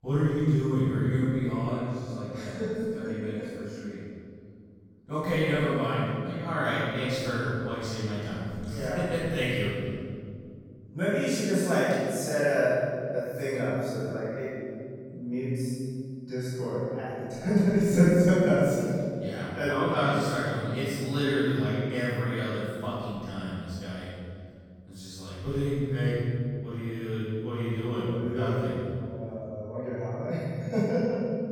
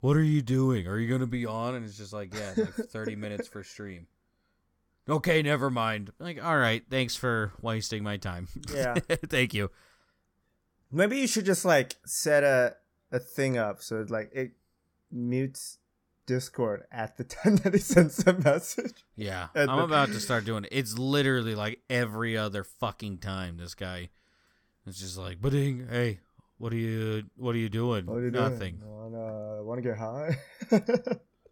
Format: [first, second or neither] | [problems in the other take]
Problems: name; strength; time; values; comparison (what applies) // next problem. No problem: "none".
second | room echo; strong; dies away in 2.6 s // off-mic speech; far